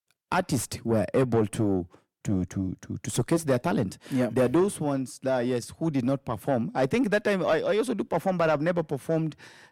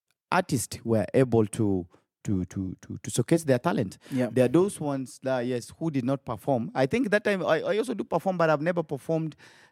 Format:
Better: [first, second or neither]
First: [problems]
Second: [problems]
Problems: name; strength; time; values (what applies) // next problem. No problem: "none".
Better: second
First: distortion; slight; 10 dB below the speech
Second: none